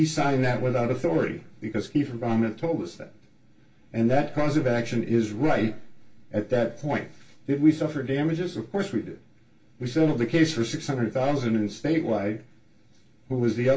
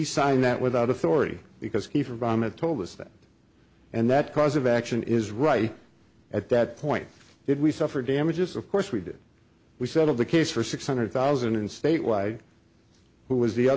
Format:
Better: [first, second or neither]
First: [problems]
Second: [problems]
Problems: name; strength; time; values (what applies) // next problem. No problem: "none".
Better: second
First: room echo; dies away in 0.2 s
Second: none